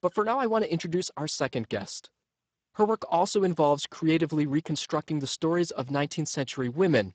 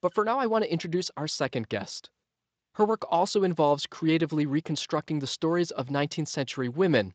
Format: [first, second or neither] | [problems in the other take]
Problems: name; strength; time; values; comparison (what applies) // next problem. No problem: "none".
second | garbled, watery; badly; nothing above 7.5 kHz; slightly in the second